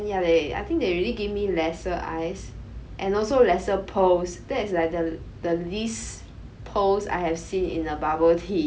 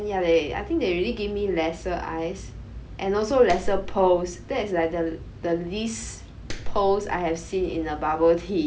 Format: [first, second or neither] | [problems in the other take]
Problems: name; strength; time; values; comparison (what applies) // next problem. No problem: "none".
first | background sound (Clapping); 6 dB below the speech